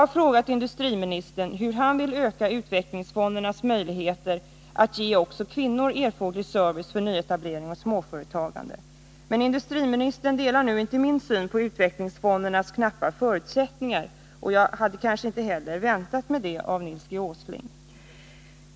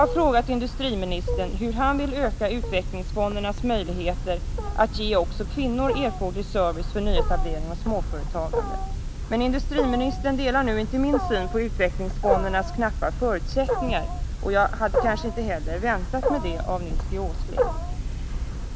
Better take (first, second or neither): first